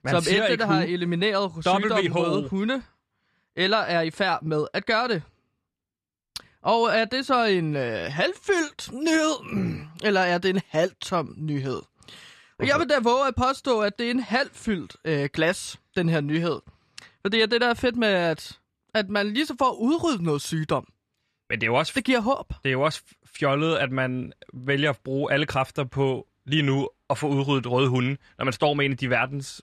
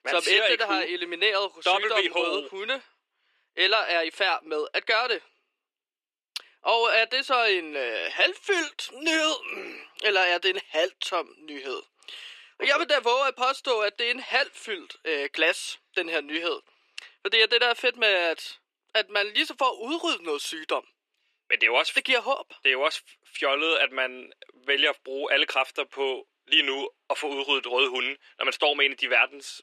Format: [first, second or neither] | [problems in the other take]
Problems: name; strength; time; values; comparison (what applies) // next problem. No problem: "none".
first | thin; very; fading below 350 Hz